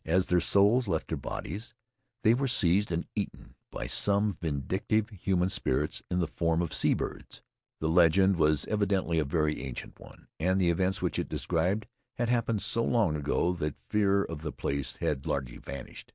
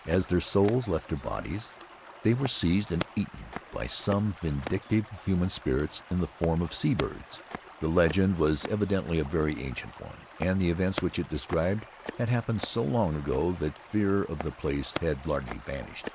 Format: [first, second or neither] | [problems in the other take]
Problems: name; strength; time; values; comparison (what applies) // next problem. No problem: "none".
first | background sound (Walk, footsteps + Stream); 14 dB below the speech